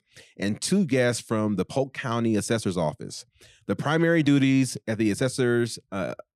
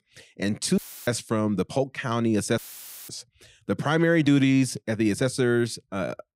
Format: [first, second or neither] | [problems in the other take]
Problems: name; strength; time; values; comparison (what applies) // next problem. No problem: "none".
first | audio cutting out; filled with static; at 1 s and at 2.5 s for 0.5 s